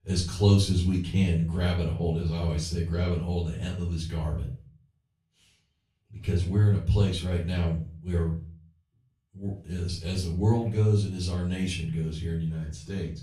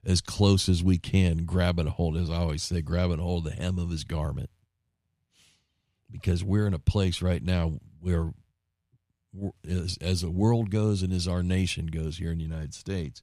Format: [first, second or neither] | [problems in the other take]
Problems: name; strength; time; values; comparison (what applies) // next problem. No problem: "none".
second | off-mic speech; far // room echo; slight; dies away in 0.3 s